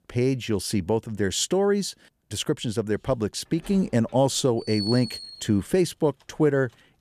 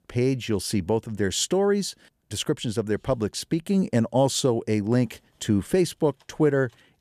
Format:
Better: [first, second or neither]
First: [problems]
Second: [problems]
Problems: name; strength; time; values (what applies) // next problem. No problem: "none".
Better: second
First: door banging; noticeable; from 3.5 to 5.5 s; peak 6 dB below the speech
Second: none